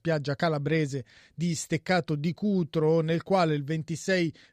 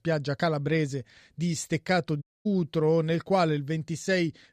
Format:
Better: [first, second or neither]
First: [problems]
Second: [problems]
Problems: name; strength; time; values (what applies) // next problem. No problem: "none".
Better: first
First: none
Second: audio cutting out; at 2 s